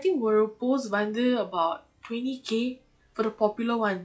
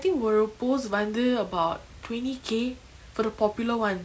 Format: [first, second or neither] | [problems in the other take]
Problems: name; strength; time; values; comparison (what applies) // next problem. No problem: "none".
second | noise reduction (classical method log-MMSE)